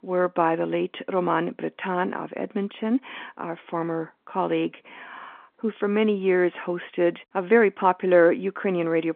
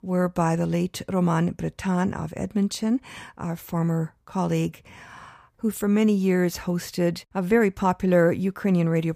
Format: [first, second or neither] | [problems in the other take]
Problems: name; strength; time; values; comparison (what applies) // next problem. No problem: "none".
second | phone-call audio